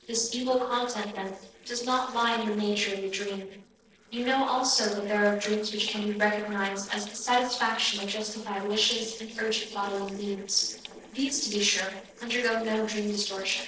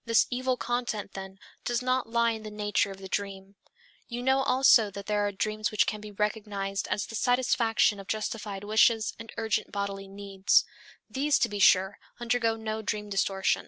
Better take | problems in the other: second | noise reduction (neural separator model SepFormer DNS4)

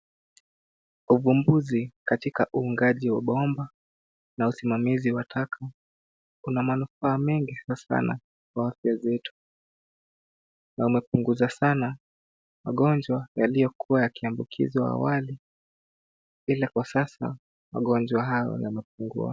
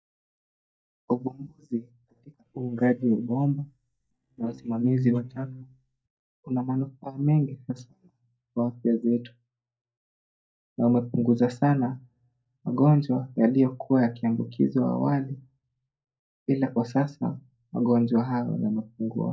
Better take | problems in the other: first | noise reduction (neural mask model DeepFilterNet 3)

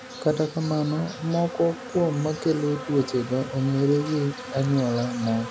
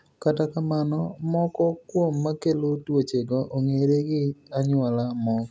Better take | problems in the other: second | background sound (Insect); 12 dB below the speech

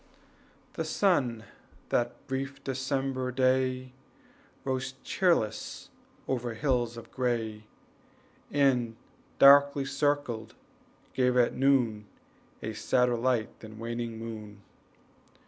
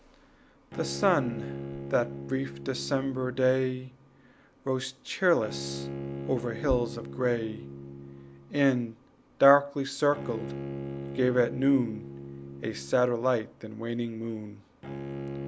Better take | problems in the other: first | background sound (Bowed string instrument); 11 dB below the speech

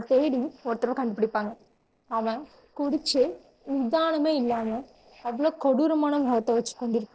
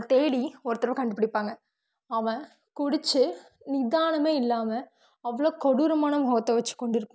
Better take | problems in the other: second | noise reduction (neural separator model SepFormer DNS4)

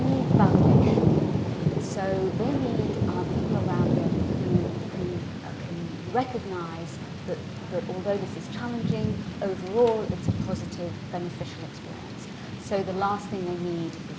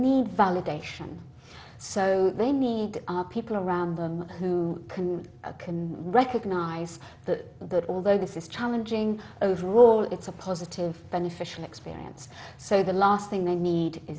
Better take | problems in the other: second | background sound (Thunder / Rain); 4 dB above the speech

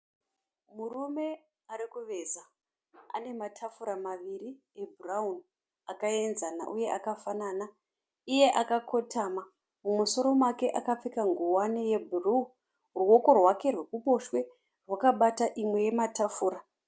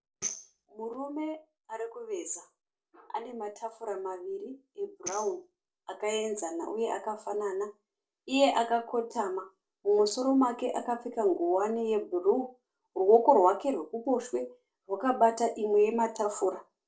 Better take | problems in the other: first | noise reduction (neural separator model SepFormer DNS4)

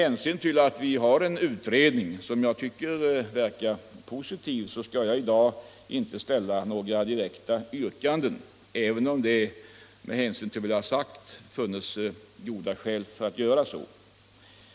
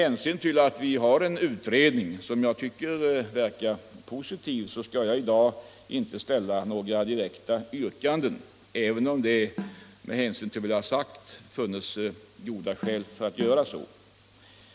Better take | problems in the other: first | background sound (Snare drum); 10 dB below the speech

